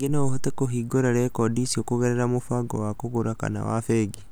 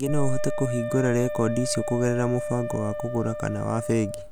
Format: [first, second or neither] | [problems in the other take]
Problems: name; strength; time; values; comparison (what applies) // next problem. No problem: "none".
first | background sound (Wind instrument, woodwind instrument); 7 dB below the speech